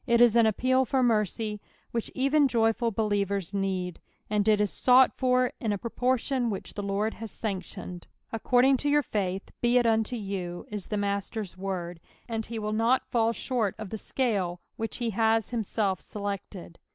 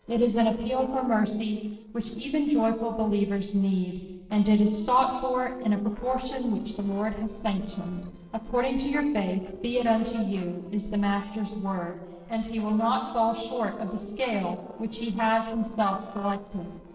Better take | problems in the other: first | noise reduction (neural separator model SepFormer DNS4)

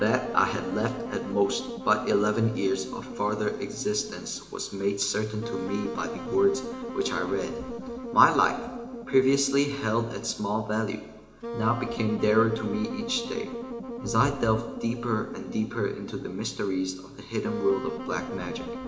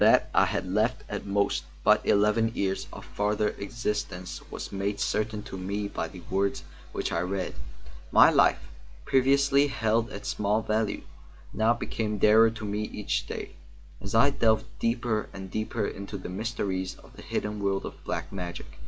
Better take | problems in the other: second | background sound (Wind instrument, woodwind instrument); 9 dB below the speech // room echo; dies away in 0.8 s

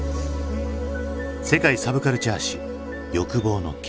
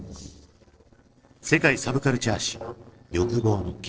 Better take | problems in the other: first | noise reduction (neural separator model SepFormer DNS4)

